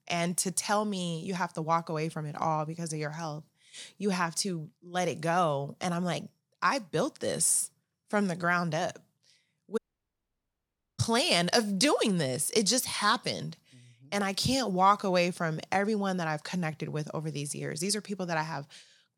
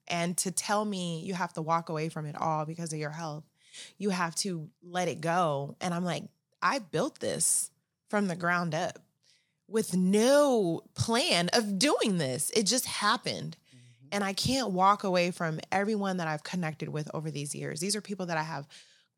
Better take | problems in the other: second | audio cutting out; at 10 s for 1 s

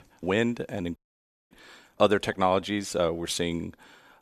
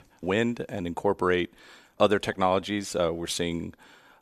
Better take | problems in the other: second | audio cutting out; at 1 s for 0.5 s

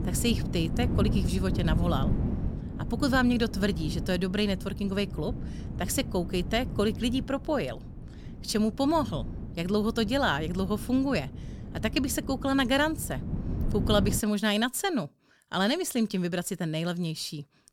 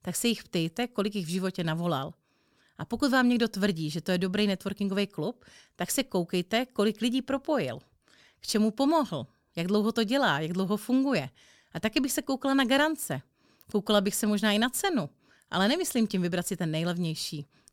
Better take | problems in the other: second | wind noise on the microphone; occasional gusts; until 14 s; 15 dB below the speech

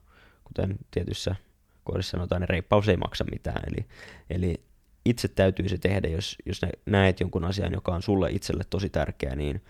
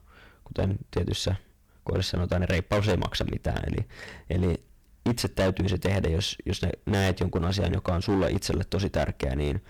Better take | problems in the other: first | distortion; heavy; 10% of the sound clipped

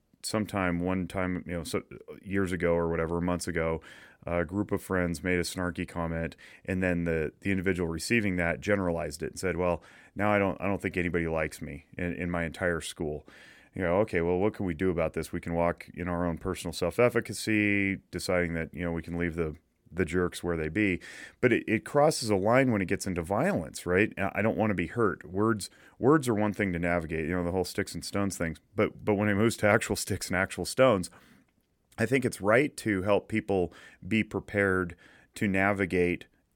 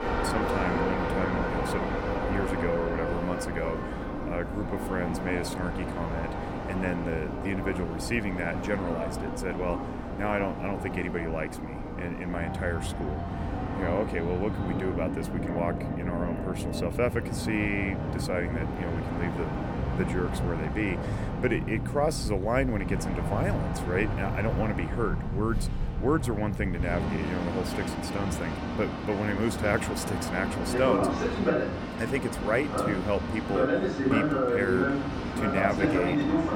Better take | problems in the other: first | train or aircraft noise; very loud; throughout; 1 dB above the speech

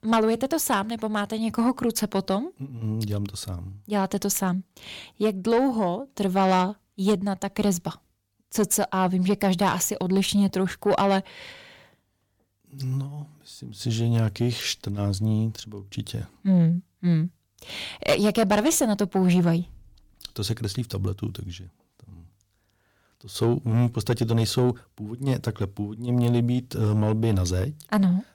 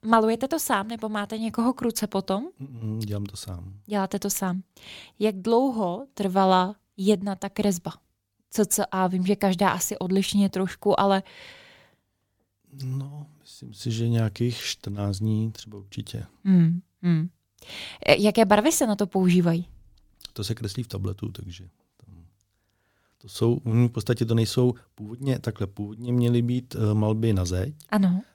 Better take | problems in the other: second | distortion; slight; 10 dB below the speech

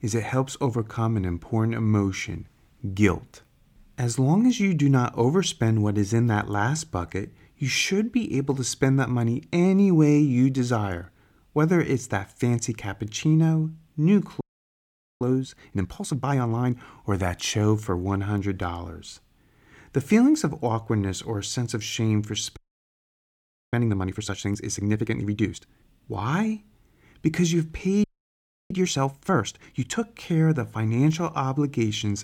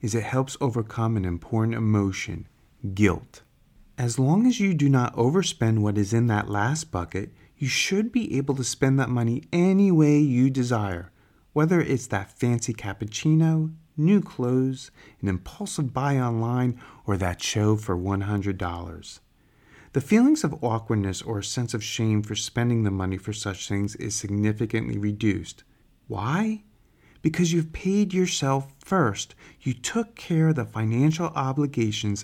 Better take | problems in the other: second | audio freezing; at 14 s for 1 s, at 23 s for 1 s and at 28 s for 0.5 s

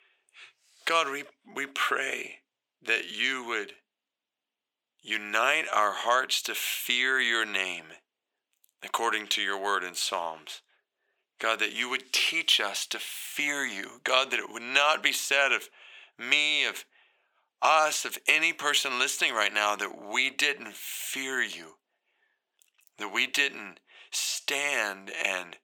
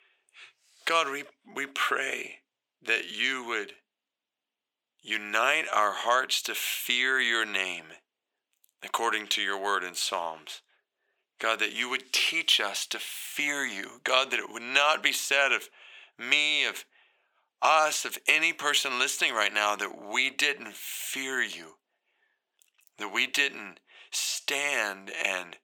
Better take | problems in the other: neither | thin; very; fading below 550 Hz; the same in both

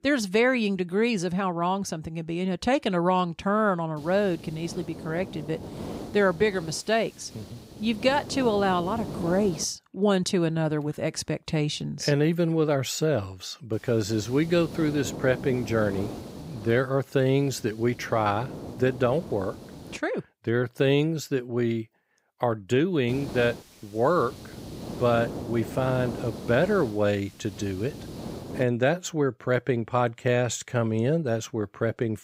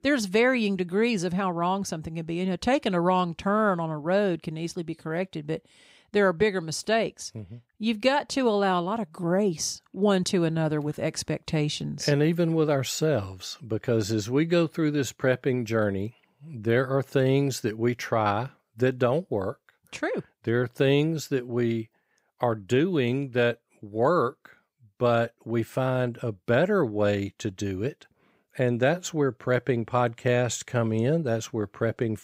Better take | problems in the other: second | hiss; noticeable; from 4 to 9.5 s, from 14 to 20 s and from 23 to 29 s; 15 dB below the speech

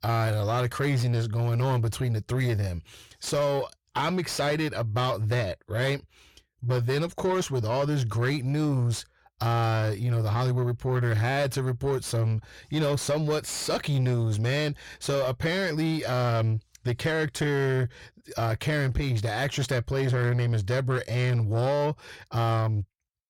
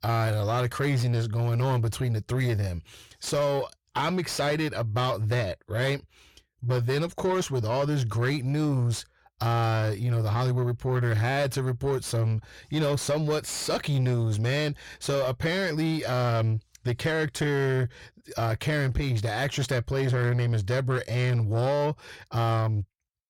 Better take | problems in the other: neither | distortion; slight; 10 dB below the speech; the same in both

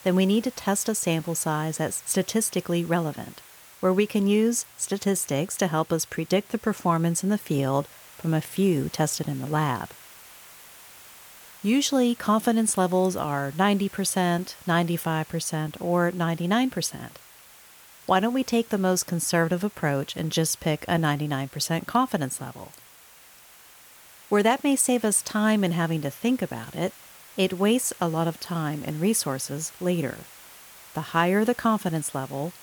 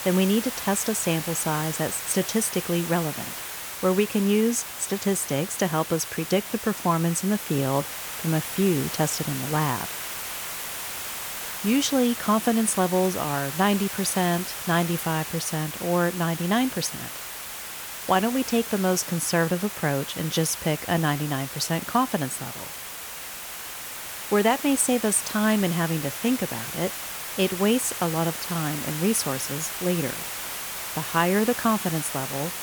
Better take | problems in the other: first | hiss; loud; throughout; 7 dB below the speech; faint in the first

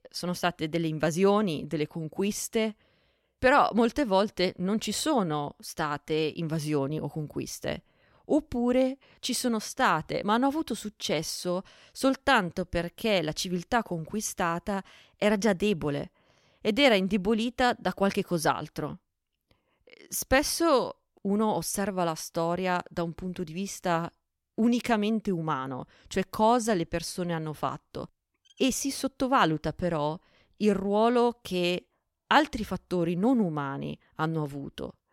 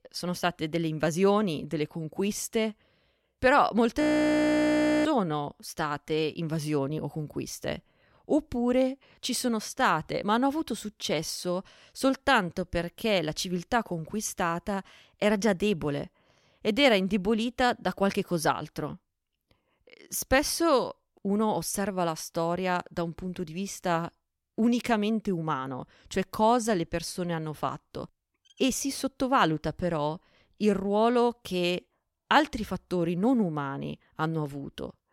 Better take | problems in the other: first | audio freezing; at 4 s for 1 s

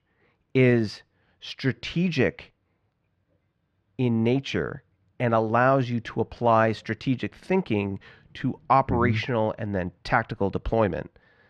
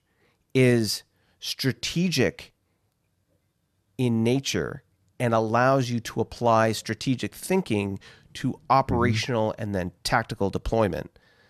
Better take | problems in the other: second | muffled; slightly; fading above 2.5 kHz

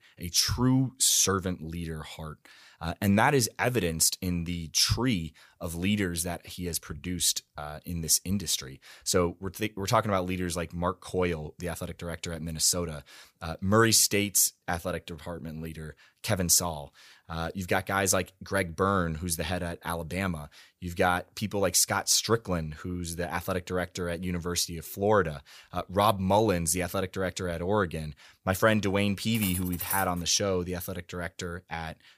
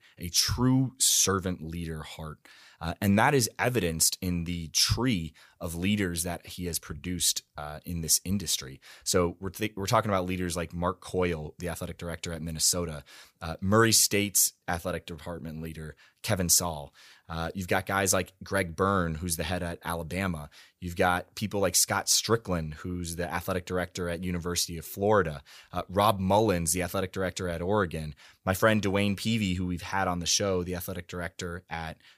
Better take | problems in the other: second | clattering dishes; noticeable; at 29 s; peak 4 dB below the speech

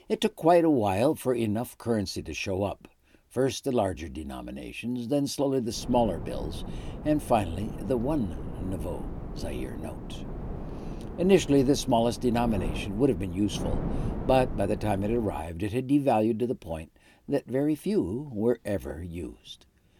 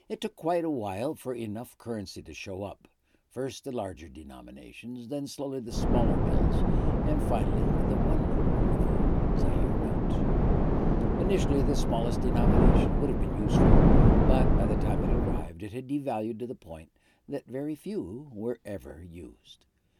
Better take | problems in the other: first | wind noise on the microphone; heavy; from 6 to 15 s; 4 dB above the speech; occasional gusts in the first

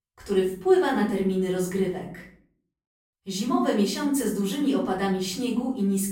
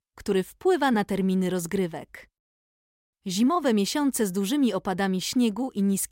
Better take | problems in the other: second | room echo; slight; dies away in 0.5 s // off-mic speech; far

